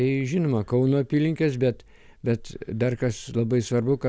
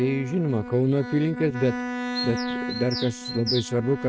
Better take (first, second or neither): first